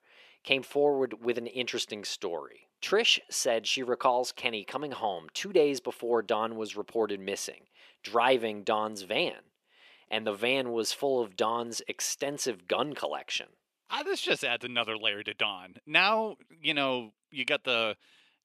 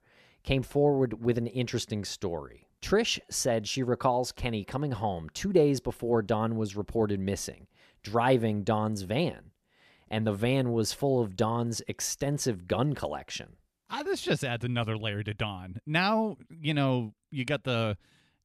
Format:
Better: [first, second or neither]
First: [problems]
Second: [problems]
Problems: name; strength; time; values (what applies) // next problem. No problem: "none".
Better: second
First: thin; somewhat; fading below 400 Hz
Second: none